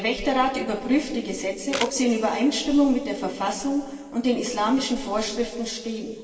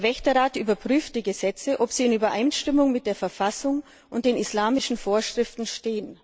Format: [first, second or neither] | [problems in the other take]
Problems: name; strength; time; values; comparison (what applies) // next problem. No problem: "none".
second | background sound (Camera); 12 dB below the speech // room echo; dies away in 2.1 s